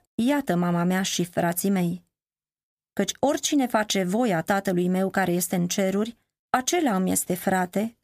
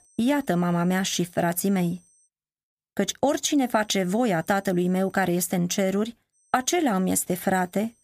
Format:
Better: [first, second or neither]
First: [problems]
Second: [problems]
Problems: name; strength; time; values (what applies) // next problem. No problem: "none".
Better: first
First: none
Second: high-pitched whine; faint; until 2.5 s, from 3.5 to 5.5 s and from 6.5 s on; 8.5 kHz, 35 dB below the speech